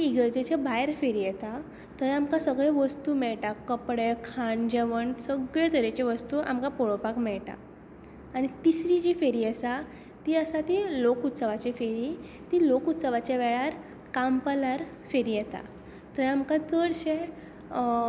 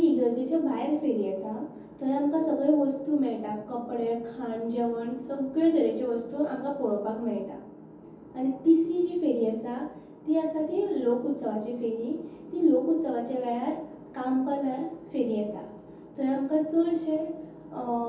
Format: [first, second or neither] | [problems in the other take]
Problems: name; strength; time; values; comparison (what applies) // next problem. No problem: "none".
first | room echo; dies away in 0.6 s